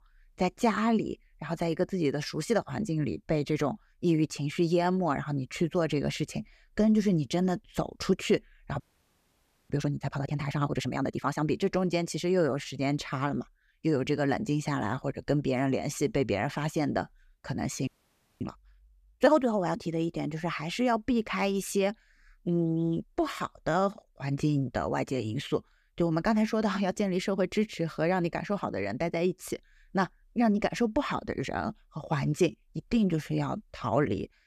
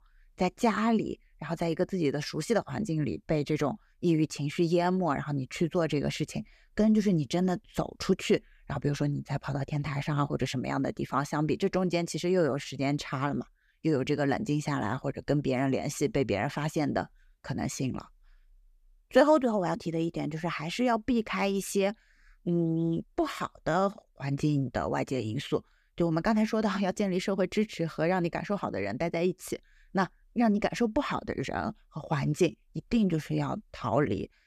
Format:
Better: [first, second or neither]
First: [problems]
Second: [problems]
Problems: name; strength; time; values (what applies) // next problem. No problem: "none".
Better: second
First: audio freezing; at 9 s for 1 s and at 18 s for 0.5 s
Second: none